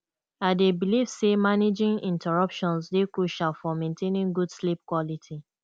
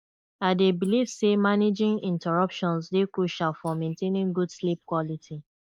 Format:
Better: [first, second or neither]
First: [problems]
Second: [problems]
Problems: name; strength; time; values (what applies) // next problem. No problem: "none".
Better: first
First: none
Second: noise reduction (neural mask model Resemble Enhance denoiser)